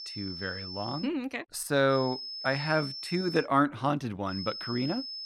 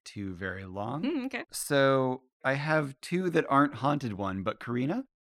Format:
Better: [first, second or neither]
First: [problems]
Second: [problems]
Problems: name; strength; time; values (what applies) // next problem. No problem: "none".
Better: second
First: high-pitched whine; loud; until 1 s, from 2 to 3.5 s and at 4.5 s; 5.5 kHz, 8 dB below the speech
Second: none